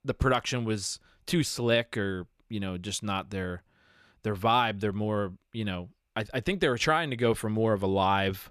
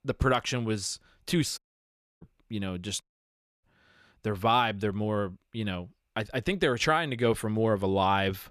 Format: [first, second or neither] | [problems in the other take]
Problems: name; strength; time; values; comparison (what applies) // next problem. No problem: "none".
first | audio cutting out; at 1.5 s for 0.5 s and at 3 s for 0.5 s